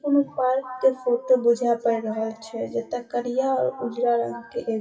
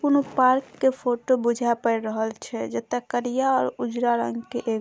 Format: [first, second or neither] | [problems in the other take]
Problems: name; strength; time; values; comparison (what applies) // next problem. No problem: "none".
second | noise reduction (classical method WPE with log-MMSE)